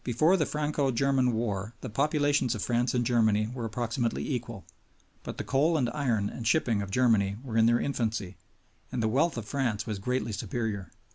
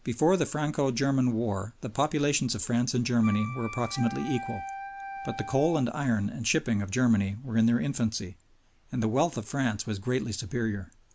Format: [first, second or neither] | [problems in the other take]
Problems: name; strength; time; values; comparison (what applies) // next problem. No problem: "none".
first | background sound (Wind instrument, woodwind instrument); 11 dB below the speech